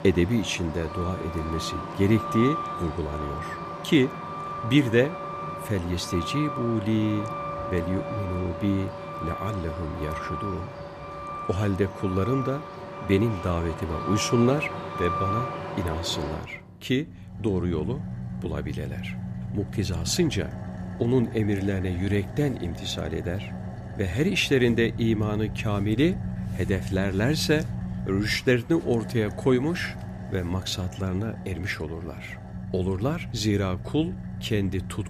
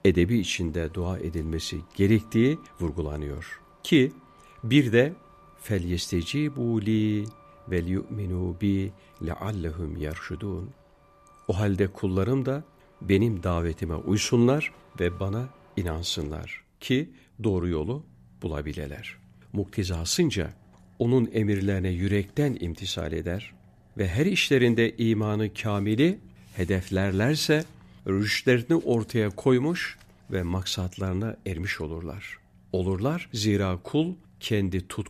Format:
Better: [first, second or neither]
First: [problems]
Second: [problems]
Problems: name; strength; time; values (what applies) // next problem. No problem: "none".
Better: second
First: traffic noise; loud; throughout; 8 dB below the speech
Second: traffic noise; faint; throughout; 30 dB below the speech